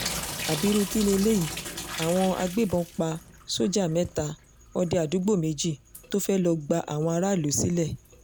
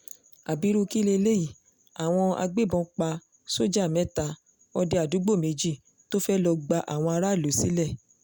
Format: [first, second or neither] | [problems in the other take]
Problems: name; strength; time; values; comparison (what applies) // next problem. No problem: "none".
second | background sound (Drip / Sink (filling or washing)); 12 dB below the speech